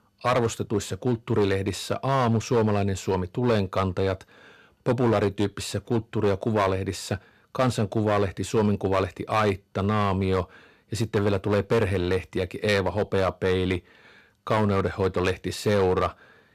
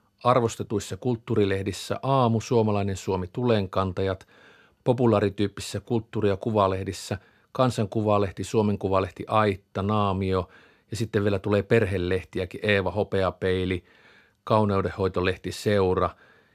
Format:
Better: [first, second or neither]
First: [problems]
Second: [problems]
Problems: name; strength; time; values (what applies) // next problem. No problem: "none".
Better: second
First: distortion; slight; 6% of the sound clipped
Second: none